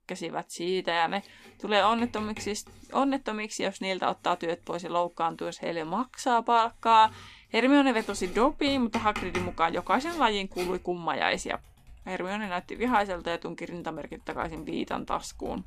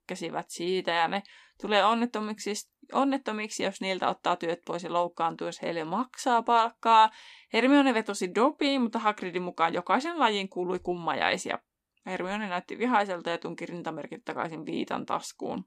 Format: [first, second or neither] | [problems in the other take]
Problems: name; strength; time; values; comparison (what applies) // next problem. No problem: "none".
second | household noises; noticeable; throughout; 15 dB below the speech